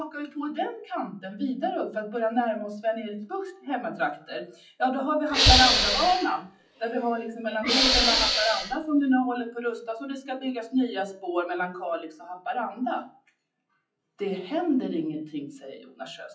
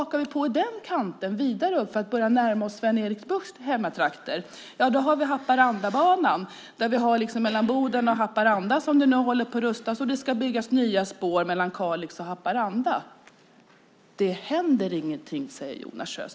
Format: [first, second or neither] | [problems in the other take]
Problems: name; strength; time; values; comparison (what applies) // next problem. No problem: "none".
second | noise reduction (classical method WPE with log-MMSE)